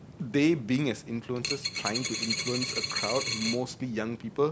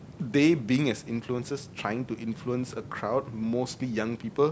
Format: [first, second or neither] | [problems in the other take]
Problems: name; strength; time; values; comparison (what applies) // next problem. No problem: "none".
second | background sound (Coin (dropping)); 3 dB below the speech